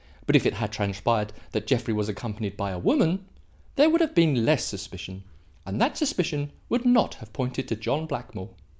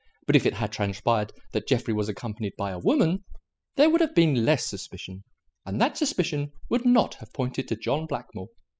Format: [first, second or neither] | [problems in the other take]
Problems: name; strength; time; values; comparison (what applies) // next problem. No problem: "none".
first | noise reduction (classical method spectral subtraction)